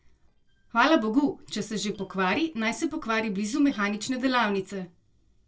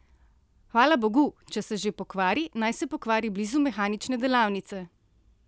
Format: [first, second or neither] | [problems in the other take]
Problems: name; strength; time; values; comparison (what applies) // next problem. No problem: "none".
second | noise reduction (neural separator model SepFormer DNS4)